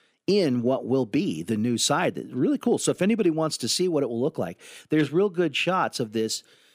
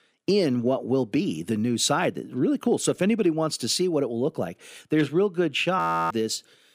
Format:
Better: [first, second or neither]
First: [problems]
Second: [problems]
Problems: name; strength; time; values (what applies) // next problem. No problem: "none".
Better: first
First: none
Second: audio freezing; at 6 s